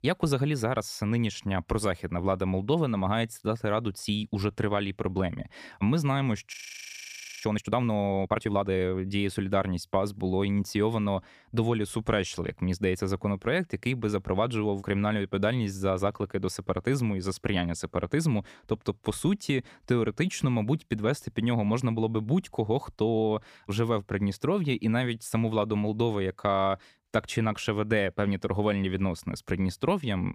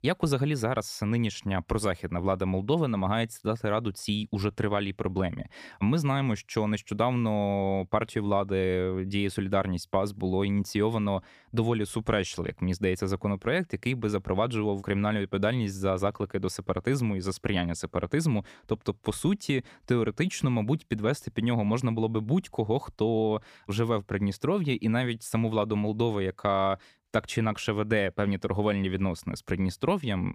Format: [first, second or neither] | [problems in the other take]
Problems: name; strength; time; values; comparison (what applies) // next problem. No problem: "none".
second | audio freezing; at 6.5 s for 1 s